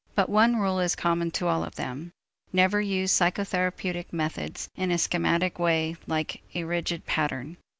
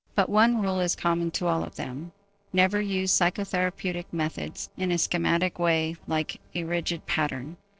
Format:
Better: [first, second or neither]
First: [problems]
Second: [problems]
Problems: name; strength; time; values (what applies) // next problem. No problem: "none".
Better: first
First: none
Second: noise reduction (neural separator model SepFormer DNS4)